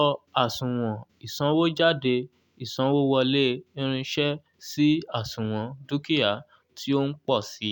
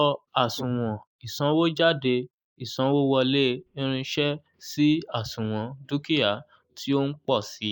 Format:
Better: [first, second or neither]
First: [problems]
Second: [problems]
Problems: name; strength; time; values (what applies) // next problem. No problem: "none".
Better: first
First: none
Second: noise reduction (neural mask model Resemble Enhance denoiser)